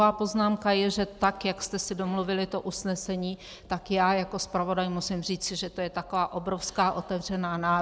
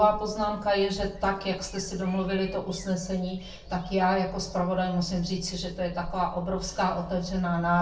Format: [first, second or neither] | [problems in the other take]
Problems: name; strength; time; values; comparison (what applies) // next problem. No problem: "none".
first | background sound (Bird vocalization, bird call, bird song); 19 dB below the speech // room echo; dies away in 0.4 s